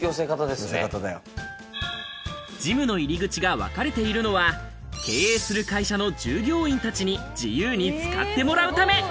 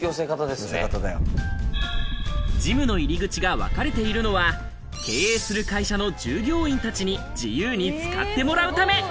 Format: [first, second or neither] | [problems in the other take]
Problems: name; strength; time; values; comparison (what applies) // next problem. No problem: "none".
first | background sound (Wind); 3 dB below the speech